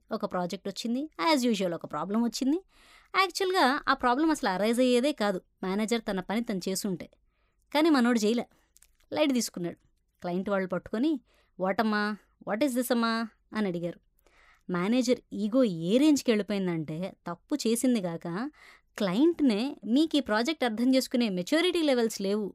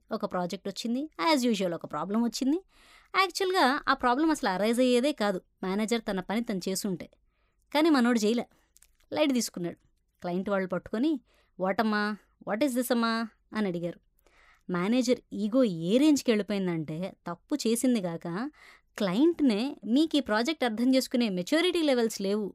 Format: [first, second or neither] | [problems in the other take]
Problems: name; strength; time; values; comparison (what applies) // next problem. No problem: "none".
neither | none